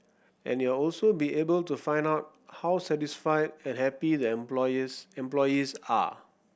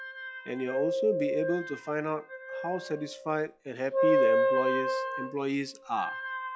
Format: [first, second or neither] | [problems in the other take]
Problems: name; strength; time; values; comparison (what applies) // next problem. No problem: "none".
first | noise reduction (classical method log-MMSE)